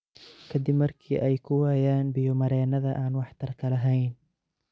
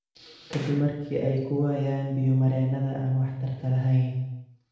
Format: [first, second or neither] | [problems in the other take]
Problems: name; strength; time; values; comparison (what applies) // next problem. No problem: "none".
first | background sound (Gunshot, gunfire); 19 dB below the speech // room echo; dies away in 0.9 s